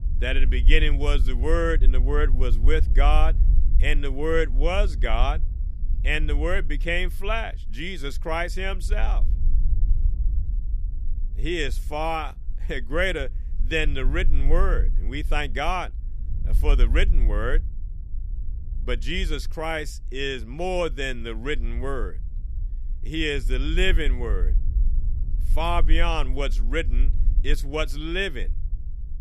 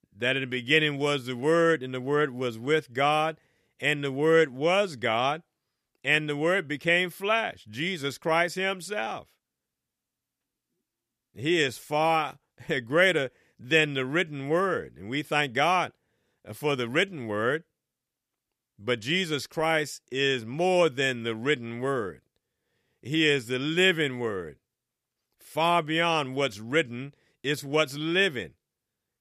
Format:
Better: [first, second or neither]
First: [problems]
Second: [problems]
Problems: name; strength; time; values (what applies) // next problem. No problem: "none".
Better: second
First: low rumble; faint; throughout; 20 dB below the speech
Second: none